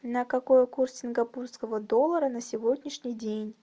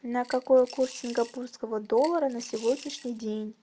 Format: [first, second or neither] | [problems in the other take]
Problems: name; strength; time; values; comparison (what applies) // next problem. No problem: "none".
first | background sound (Coin (dropping) / Glass); 20 dB below the speech